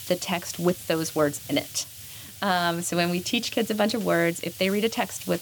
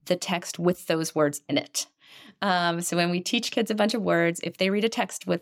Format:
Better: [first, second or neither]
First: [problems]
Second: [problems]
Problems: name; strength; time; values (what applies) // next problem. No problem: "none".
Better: second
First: hiss; noticeable; throughout; 15 dB below the speech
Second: none